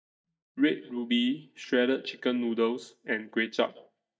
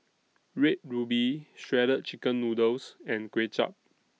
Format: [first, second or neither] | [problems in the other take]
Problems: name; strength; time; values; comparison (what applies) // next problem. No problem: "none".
second | noise reduction (neural mask model DeepFilterNet 3)